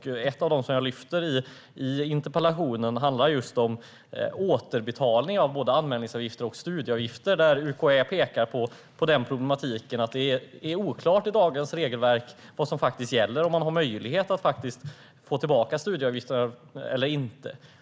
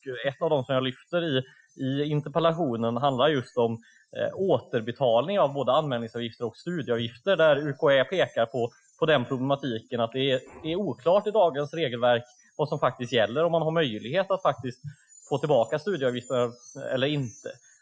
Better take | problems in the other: first | noise reduction (classical method Wiener filter)

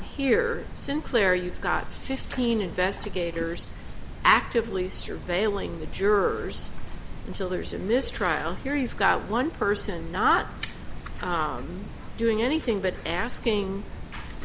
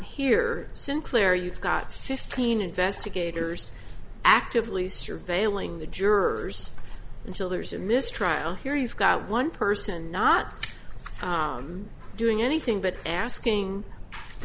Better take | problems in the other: second | background sound (Water); 14 dB below the speech

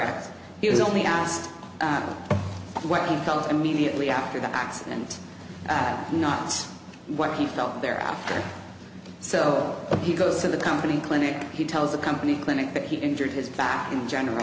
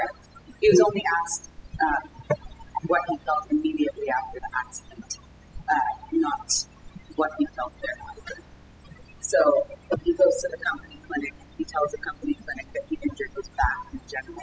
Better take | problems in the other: first | noise reduction (classical method spectral subtraction)

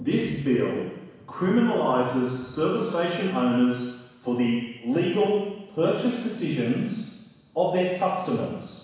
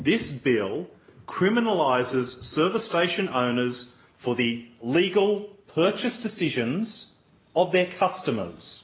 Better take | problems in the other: second | room echo; dies away in 1.1 s

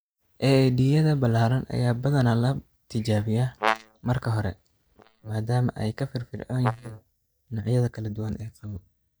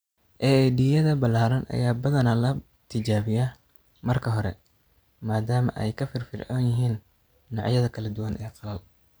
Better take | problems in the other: second | noise reduction (neural mask model DeepFilterNet 3)

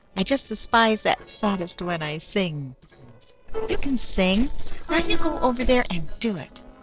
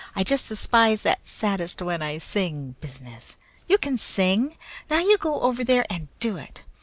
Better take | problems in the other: second | noise reduction (neural separator model SepFormer DNS4)

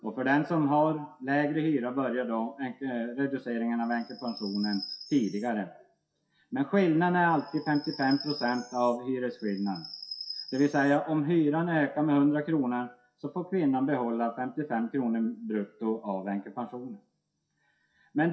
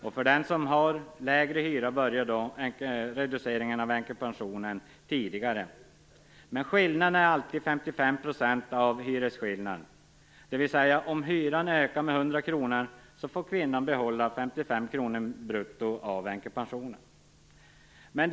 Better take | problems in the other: second | noise reduction (classical method WPE with log-MMSE)

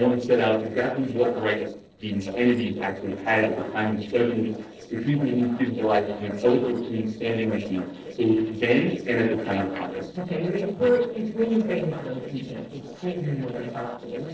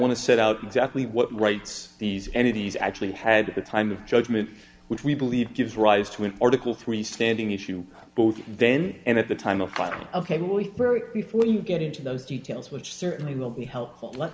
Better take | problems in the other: second | noise reduction (neural separator model SepFormer DNS4)

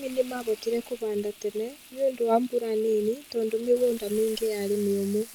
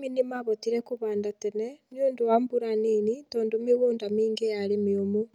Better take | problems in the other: second | background sound (Frying (food)); 20 dB below the speech

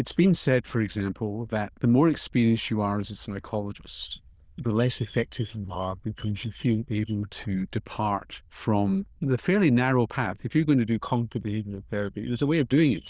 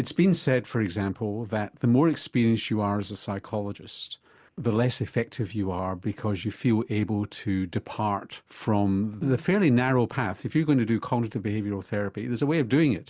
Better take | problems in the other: second | noise reduction (neural diffusion model UNIVERSE++)

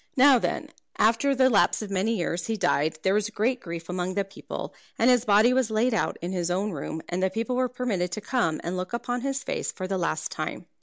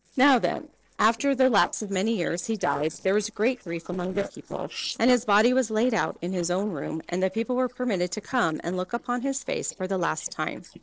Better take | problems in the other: first | noise reduction (neural separator model SepFormer DNS4)

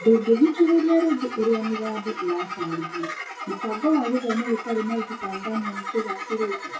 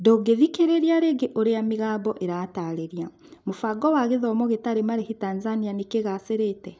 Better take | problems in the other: second | noise reduction (classical method WPE with log-MMSE)

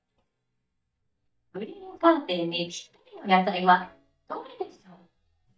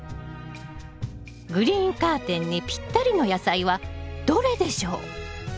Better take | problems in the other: second | noise reduction (neural mask model DeepFilterNet 3)

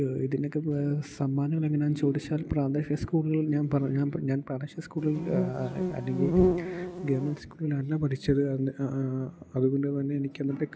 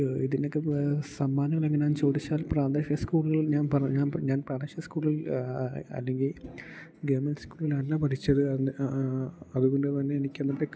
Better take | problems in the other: second | background sound (Insect); as loud as the speech

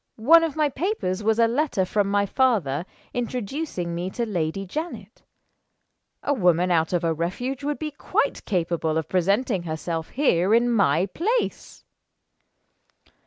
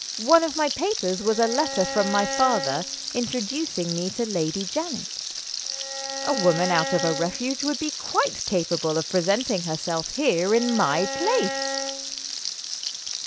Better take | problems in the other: first | background sound (Frying (food) + Bowed string instrument); 5 dB below the speech

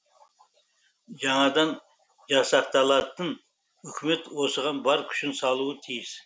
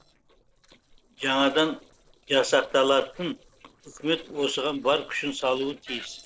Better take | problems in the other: first | noise reduction (neural separator model SepFormer DNS4)

